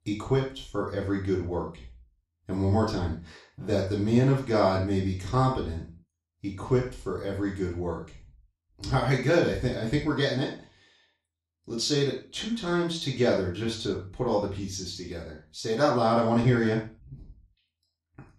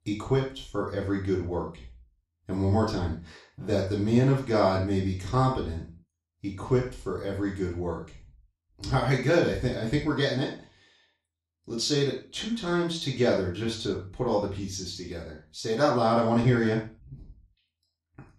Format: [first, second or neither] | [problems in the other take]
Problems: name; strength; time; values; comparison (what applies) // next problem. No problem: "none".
neither | room echo; noticeable; dies away in 0.3 s; the same in both // off-mic speech; far; the same in both